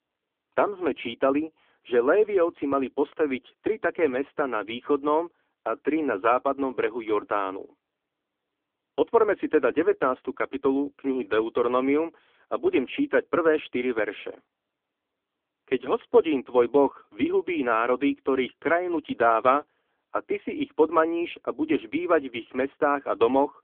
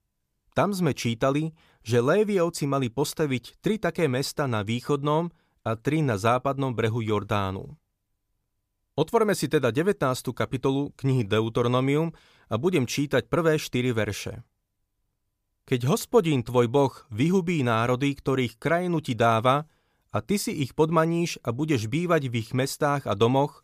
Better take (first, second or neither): second